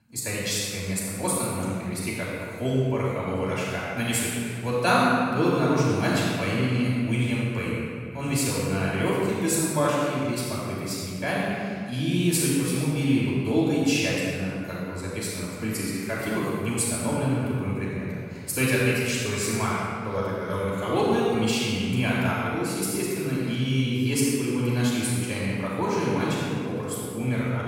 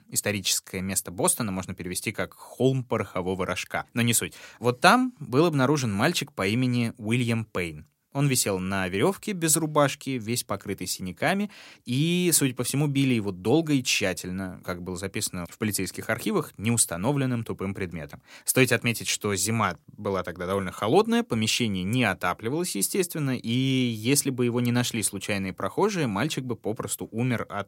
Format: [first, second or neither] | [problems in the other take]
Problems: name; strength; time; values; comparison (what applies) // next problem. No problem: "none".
second | off-mic speech; far // room echo; strong; dies away in 1.9 s